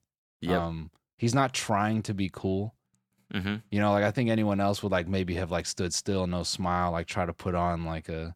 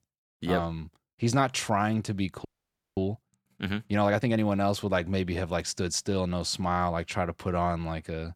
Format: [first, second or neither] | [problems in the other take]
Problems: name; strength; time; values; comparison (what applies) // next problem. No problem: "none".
first | audio freezing; at 2.5 s for 0.5 s